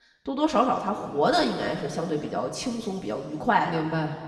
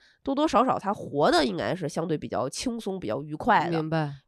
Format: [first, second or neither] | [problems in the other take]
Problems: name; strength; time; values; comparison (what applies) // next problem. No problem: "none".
second | room echo; noticeable; dies away in 2.3 s // off-mic speech; somewhat distant